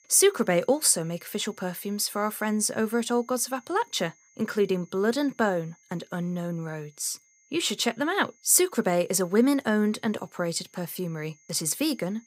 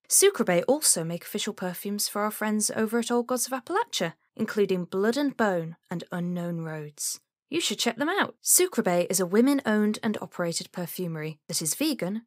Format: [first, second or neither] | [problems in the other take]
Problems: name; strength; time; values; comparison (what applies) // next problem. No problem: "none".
second | high-pitched whine; faint; throughout; 6.5 kHz, 30 dB below the speech